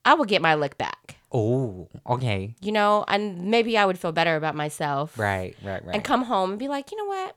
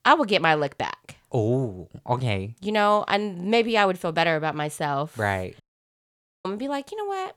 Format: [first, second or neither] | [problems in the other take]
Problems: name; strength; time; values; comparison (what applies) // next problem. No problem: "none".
first | audio cutting out; at 5.5 s for 1 s